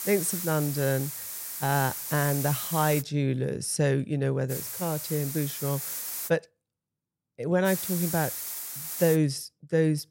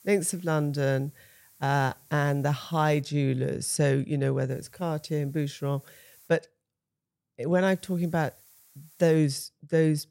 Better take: second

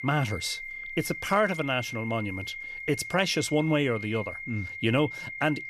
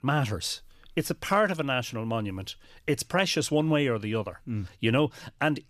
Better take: second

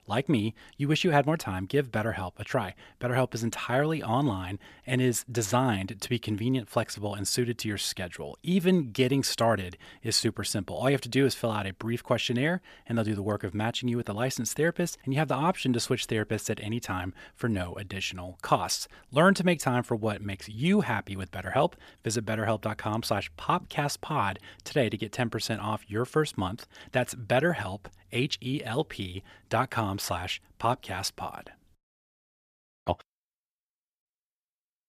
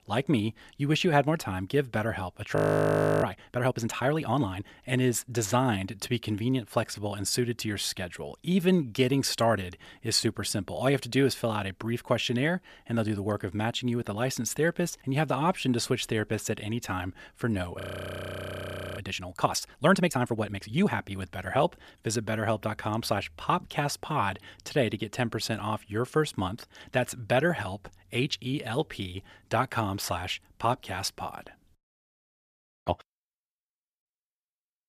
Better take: first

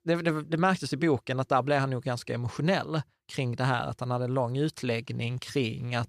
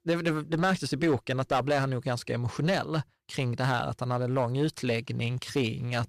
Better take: first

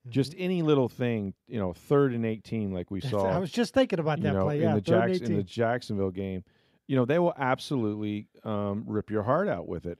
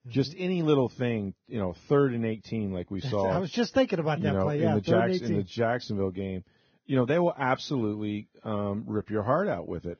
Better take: first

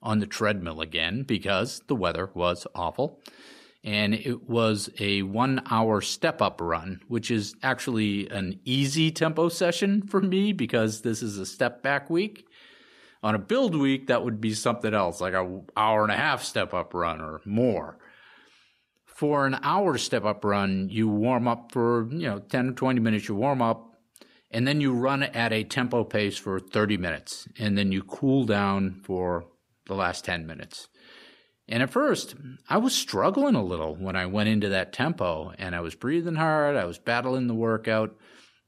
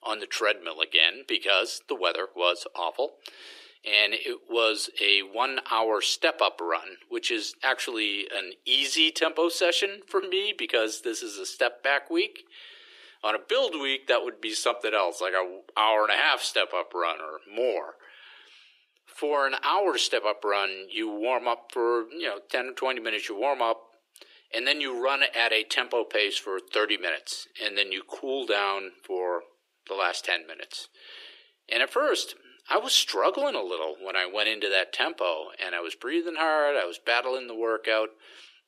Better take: first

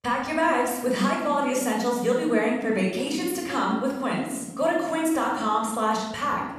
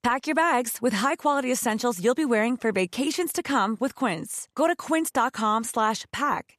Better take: second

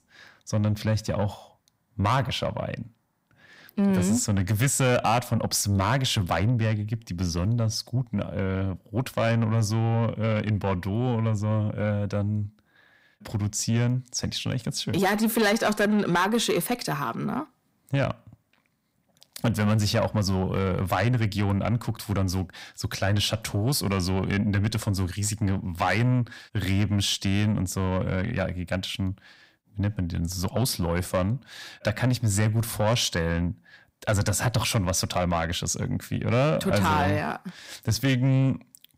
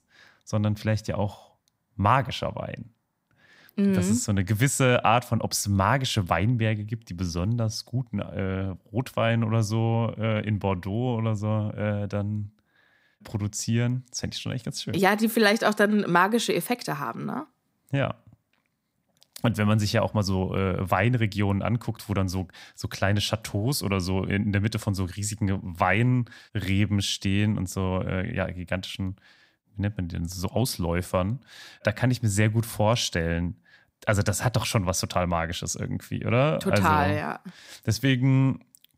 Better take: second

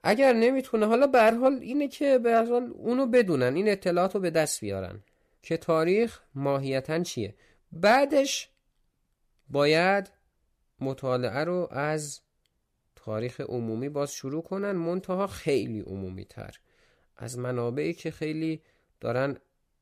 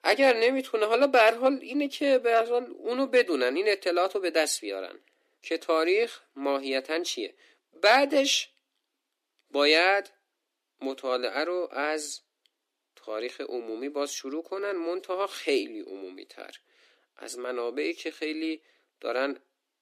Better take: first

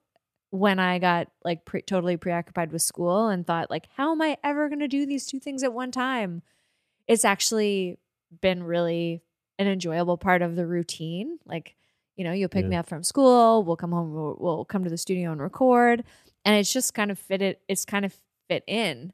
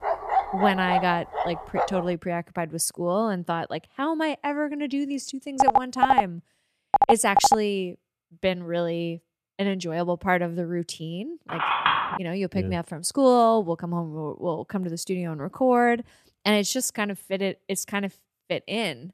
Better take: first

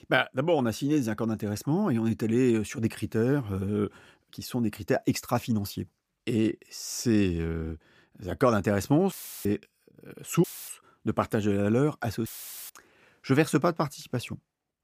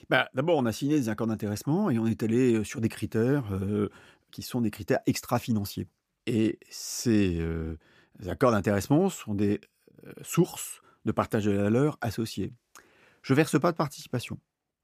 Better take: second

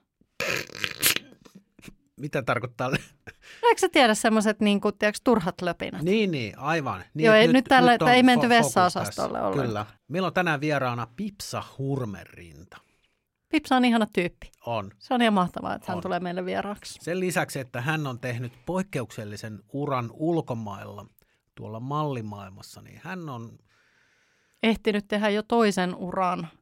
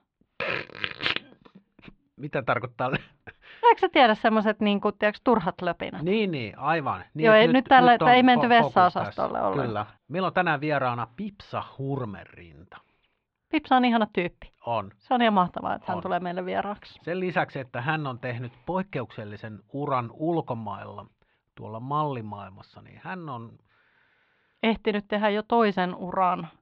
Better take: first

